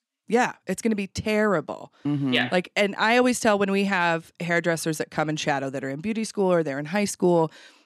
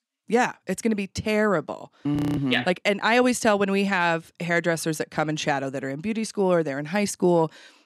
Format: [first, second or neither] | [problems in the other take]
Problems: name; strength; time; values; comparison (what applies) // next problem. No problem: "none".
first | audio freezing; at 2 s